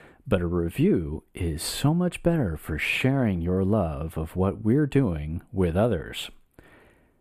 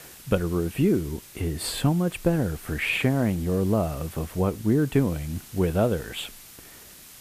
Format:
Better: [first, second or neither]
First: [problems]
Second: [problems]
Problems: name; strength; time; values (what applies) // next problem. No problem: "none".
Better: first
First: none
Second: hiss; noticeable; throughout; 20 dB below the speech